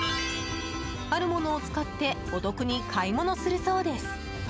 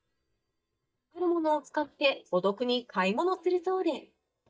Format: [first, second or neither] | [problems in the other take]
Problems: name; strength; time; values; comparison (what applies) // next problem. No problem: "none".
first | noise reduction (neural mask model DeepFilterNet 3)